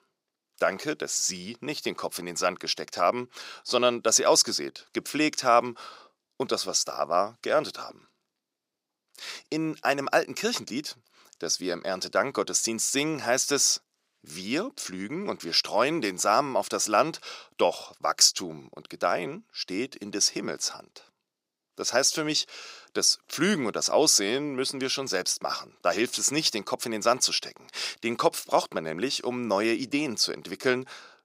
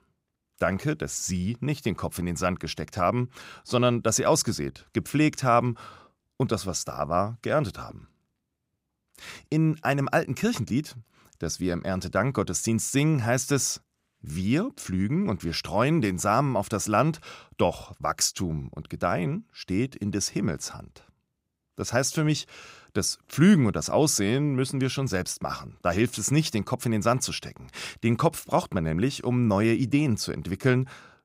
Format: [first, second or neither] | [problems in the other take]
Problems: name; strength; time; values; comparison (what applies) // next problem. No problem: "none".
second | thin; somewhat; fading below 400 Hz